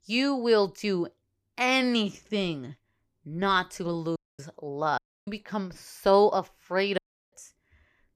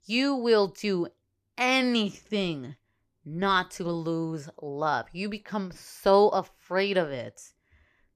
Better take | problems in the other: second | audio cutting out; at 4 s, at 5 s and at 7 s

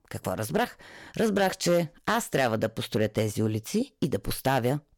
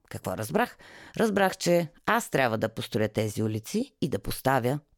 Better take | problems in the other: second | distortion; slight; 3% of the sound clipped

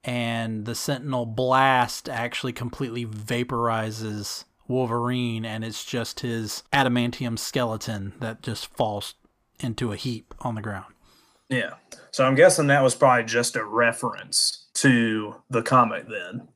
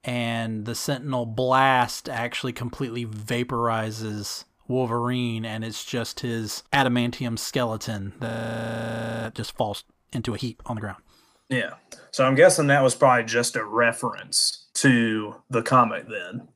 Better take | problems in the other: first | audio freezing; at 8.5 s for 1 s

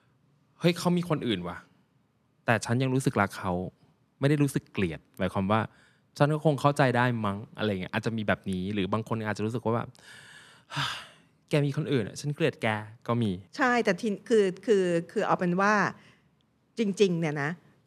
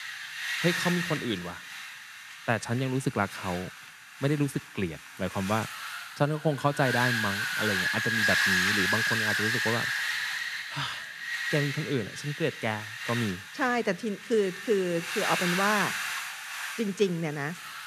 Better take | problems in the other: first | wind noise on the microphone; faint; 3 dB above the speech

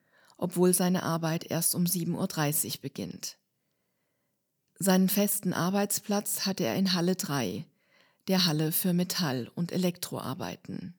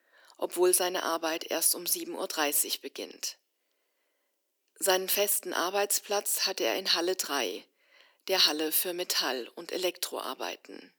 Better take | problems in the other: first | thin; very; fading below 300 Hz

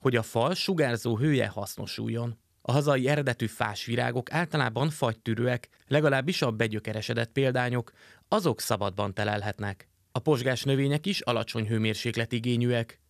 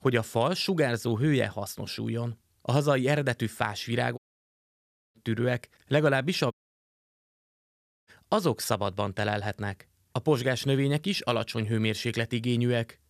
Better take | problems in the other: first | audio cutting out; at 4 s for 1 s and at 6.5 s for 1.5 s

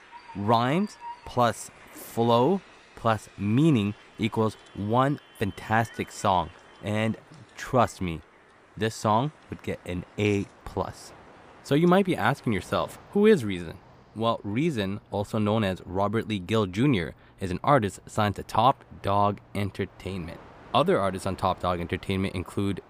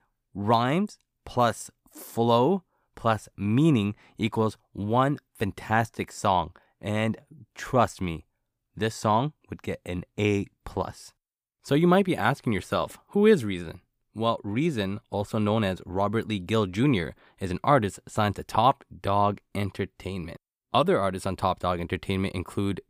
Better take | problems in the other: second | train or aircraft noise; faint; throughout; 25 dB below the speech

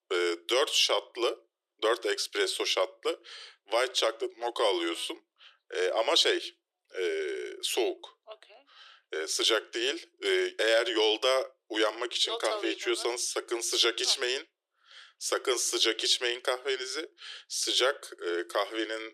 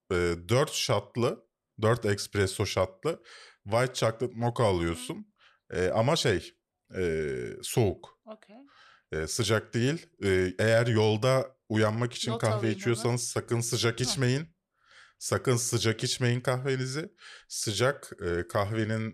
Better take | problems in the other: second | thin; very; fading below 350 Hz

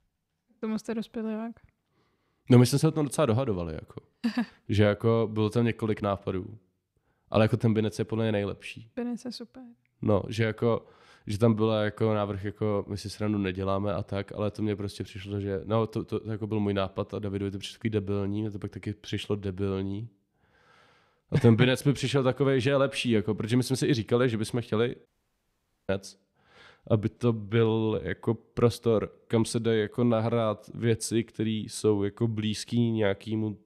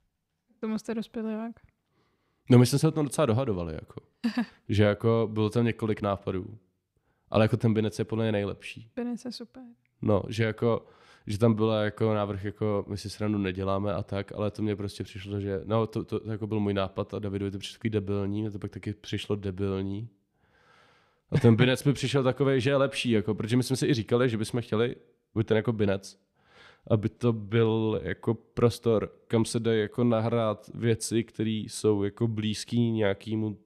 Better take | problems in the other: second | audio cutting out; at 25 s for 1 s

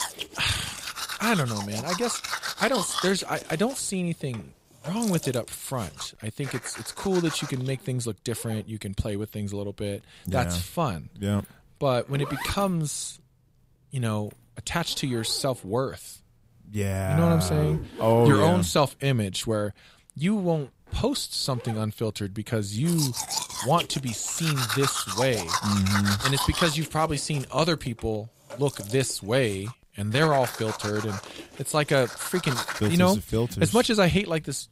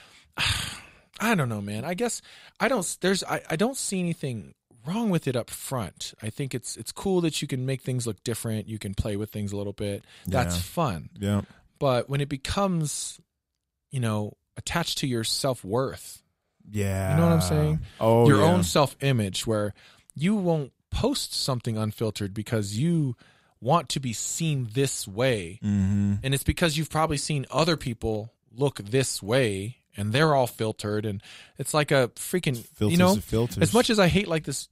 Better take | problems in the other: second | household noises; loud; throughout; 6 dB below the speech

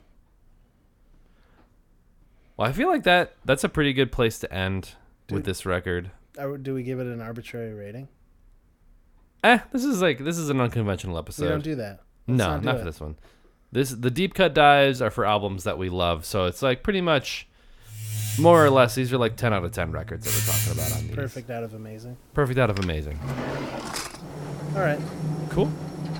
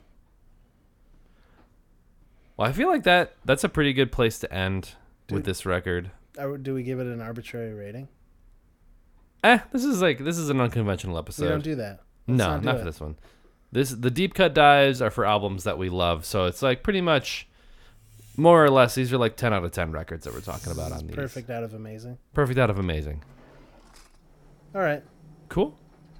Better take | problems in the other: second | household noises; loud; from 18 s on; 6 dB below the speech; faint in the second

